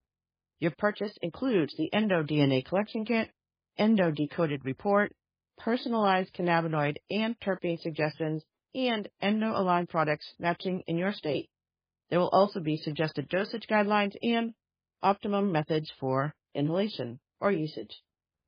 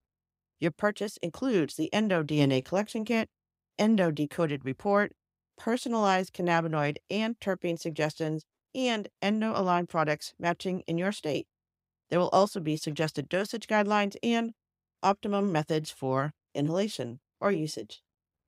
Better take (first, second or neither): second